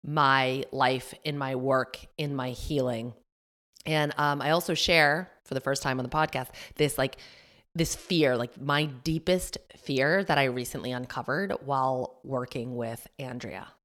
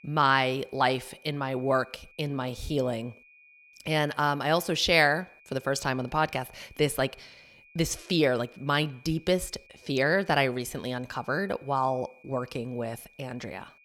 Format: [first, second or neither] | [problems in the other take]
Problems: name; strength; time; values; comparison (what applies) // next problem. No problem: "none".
first | high-pitched whine; faint; throughout; 2.5 kHz, 25 dB below the speech